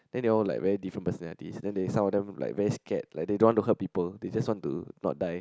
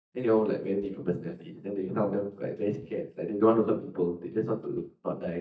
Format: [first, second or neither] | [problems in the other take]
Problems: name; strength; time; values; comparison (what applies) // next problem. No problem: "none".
first | noise reduction (neural mask model DeepFilterNet 3)